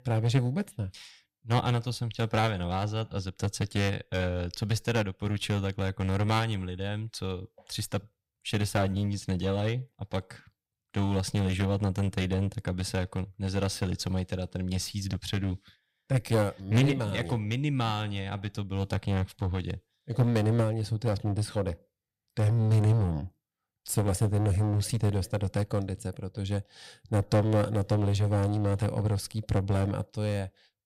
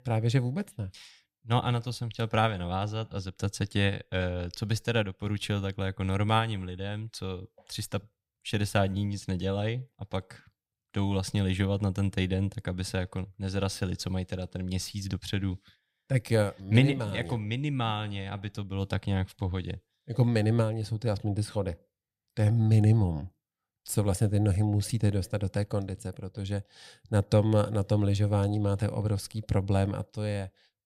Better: second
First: distortion; slight; 6% of the sound clipped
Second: none

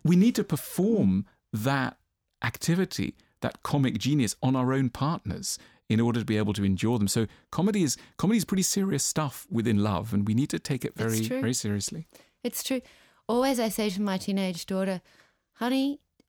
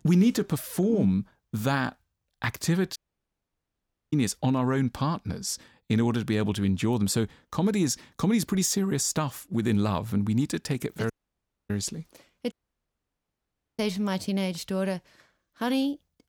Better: first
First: none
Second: audio cutting out; at 3 s for 1 s, at 11 s for 0.5 s and at 13 s for 1.5 s

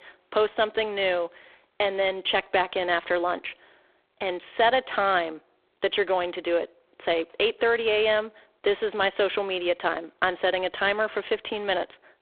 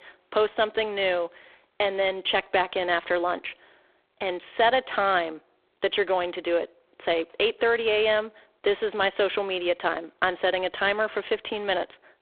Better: neither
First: phone-call audio; poor line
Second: phone-call audio; poor line

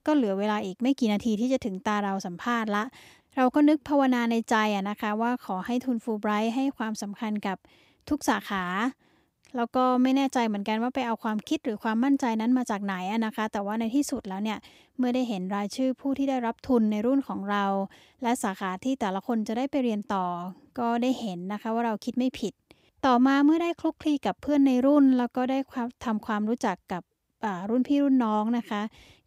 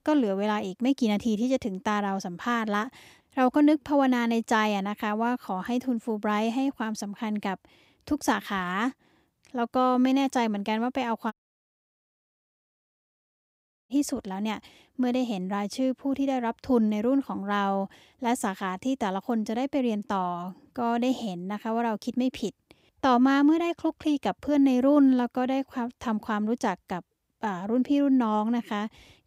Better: first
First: none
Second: audio cutting out; at 11 s for 2.5 s

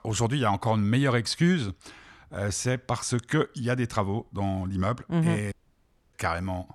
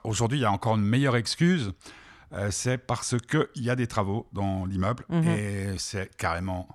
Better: second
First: audio cutting out; at 5.5 s for 0.5 s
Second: none

